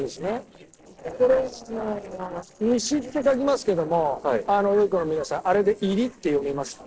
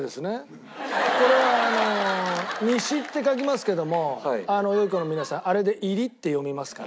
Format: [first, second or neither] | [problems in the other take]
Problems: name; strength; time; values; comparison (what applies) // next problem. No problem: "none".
second | noise reduction (neural separator model SepFormer DNS4)